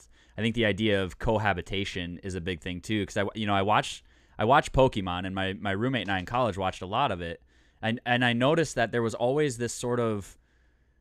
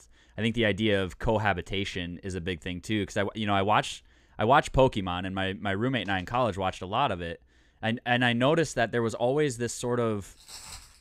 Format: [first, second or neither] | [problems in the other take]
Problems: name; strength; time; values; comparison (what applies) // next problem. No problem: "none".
first | footsteps; faint; at 10 s; peak 15 dB below the speech